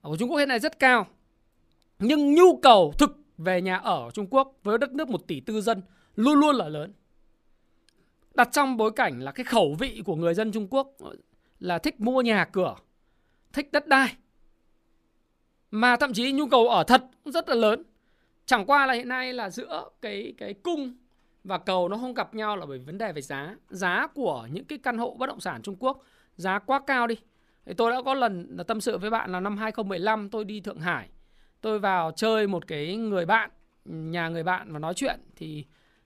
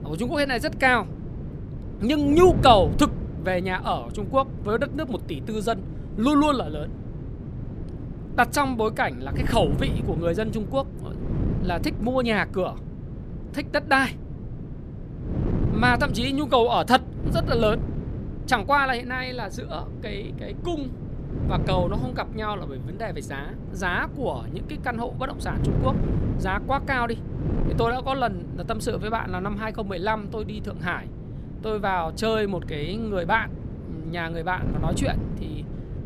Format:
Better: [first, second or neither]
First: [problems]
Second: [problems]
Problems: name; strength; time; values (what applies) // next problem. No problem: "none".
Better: first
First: none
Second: wind noise on the microphone; occasional gusts; 15 dB below the speech